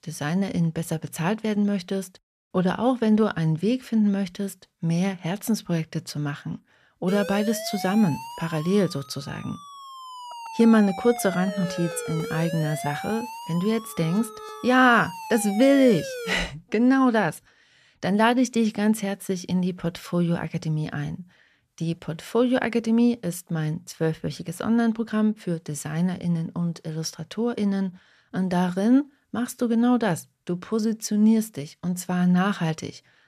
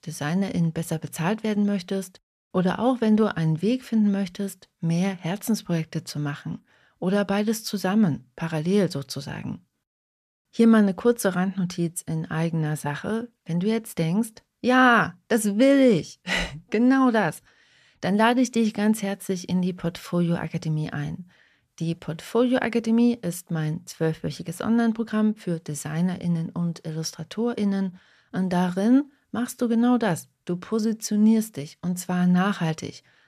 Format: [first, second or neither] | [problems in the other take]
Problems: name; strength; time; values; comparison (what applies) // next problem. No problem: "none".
second | siren; noticeable; from 7 to 16 s; peak 8 dB below the speech